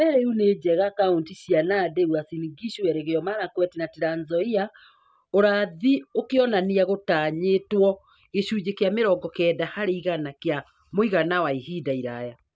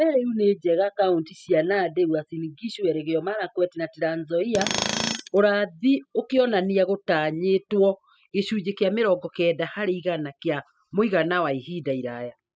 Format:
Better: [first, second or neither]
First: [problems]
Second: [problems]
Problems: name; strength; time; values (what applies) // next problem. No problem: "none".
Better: first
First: none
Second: noise reduction (classical method spectral subtraction)